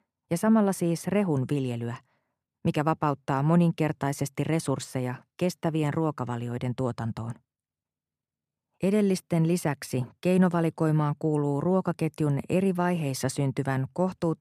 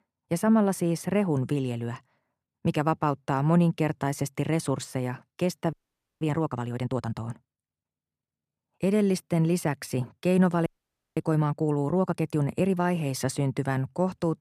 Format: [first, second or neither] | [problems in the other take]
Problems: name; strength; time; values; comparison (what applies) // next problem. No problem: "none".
first | audio freezing; at 5.5 s and at 11 s for 0.5 s